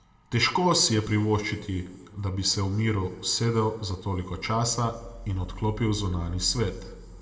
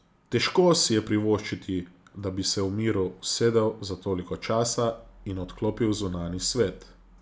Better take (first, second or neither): second